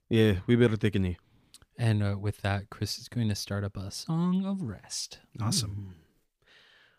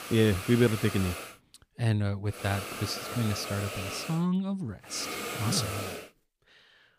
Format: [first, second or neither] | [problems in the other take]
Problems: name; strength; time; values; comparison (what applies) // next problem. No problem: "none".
first | hiss; loud; until 1.5 s, from 2.5 to 4 s and from 5 to 6 s; 7 dB below the speech